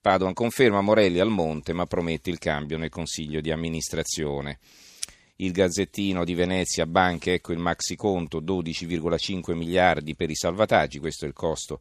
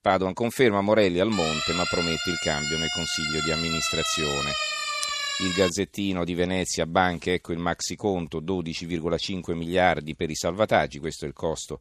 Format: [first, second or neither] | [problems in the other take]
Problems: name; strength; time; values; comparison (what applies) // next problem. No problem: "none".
first | siren; loud; from 1.5 to 5.5 s; peak 1 dB above the speech